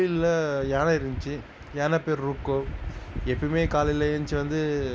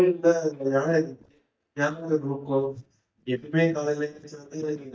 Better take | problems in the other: first | noise reduction (neural mask model DeepFilterNet 3)

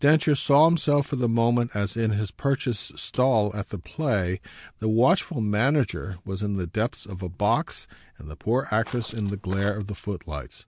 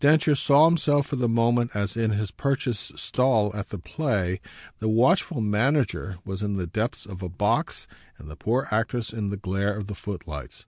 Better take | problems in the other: second | background sound (Walk, footsteps); 19 dB below the speech

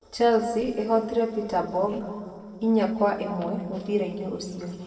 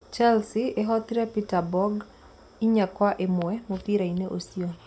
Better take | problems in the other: second | noise reduction (neural separator model SepFormer DNS4)

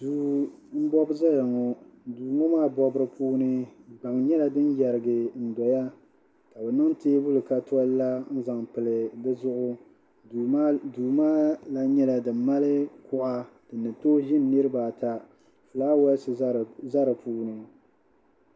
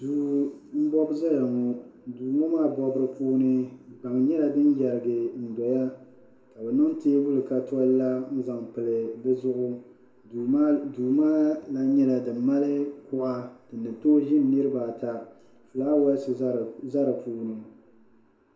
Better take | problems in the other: first | room echo; dies away in 0.8 s

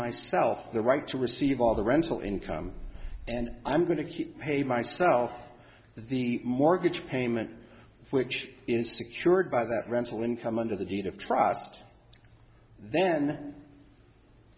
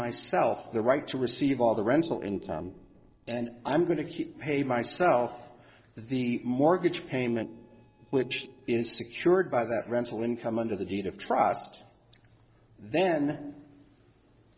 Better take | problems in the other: first | noise reduction (neural separator model SepFormer DNS4)

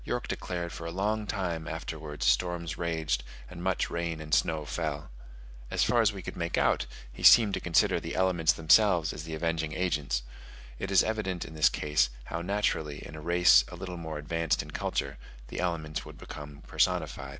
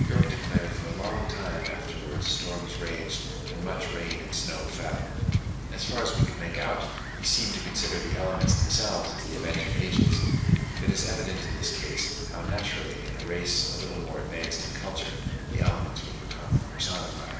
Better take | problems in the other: first | background sound (Wind / Ocean / Boat, Water vehicle); 2 dB above the speech // room echo; dies away in 0.9 s

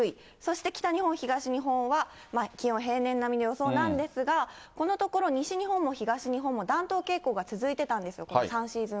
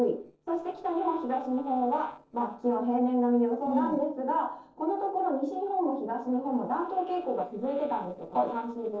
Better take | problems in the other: first | noise reduction (neural separator model SepFormer DNS4)

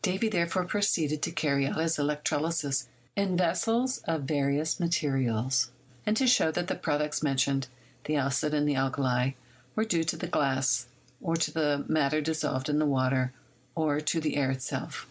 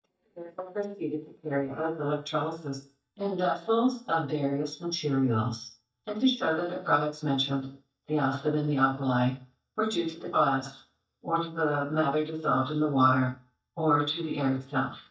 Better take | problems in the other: first | noise reduction (neural mask model DeepFilterNet 3)

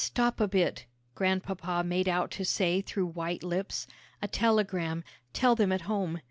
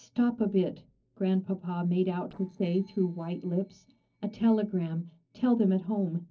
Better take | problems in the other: first | noise reduction (neural separator model SepFormer DNS4)

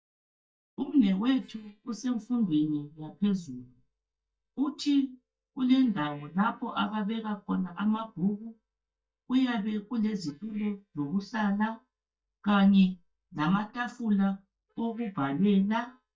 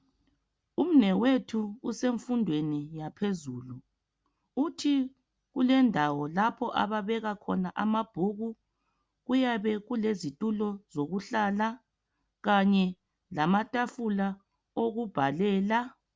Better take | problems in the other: second | noise reduction (neural mask model DeepFilterNet 3)

